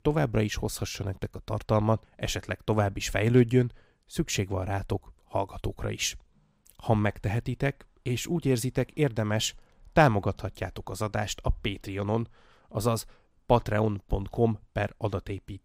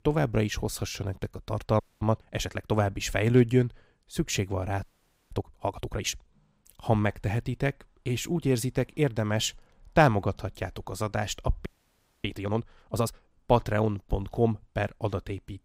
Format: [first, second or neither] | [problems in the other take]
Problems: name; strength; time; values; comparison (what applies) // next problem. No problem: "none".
first | audio freezing; at 2 s, at 5 s and at 12 s for 0.5 s